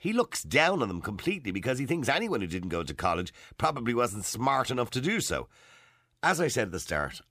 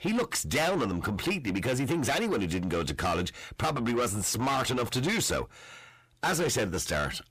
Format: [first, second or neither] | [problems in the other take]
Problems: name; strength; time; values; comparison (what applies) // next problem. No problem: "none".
first | distortion; heavy; 6 dB below the speech